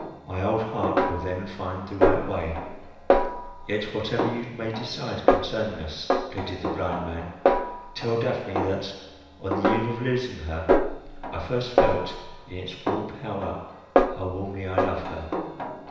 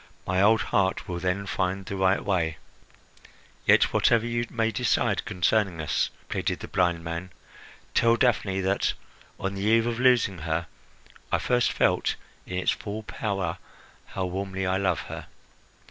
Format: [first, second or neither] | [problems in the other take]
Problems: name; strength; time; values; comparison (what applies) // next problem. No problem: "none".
second | background sound (Snare drum); 3 dB above the speech // room echo; dies away in 1 s